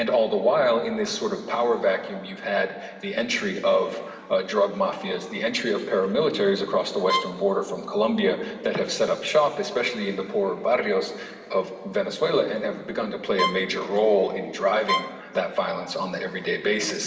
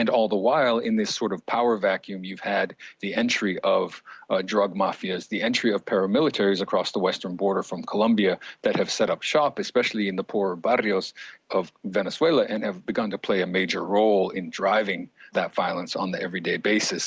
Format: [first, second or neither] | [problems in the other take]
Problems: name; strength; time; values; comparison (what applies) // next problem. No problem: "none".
second | background sound (Bowed string instrument); 7 dB below the speech // room echo; dies away in 2.5 s